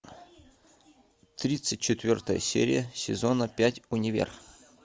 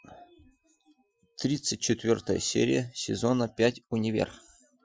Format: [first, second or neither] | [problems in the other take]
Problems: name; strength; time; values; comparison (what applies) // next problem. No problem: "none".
first | noise reduction (classical method Wiener filter)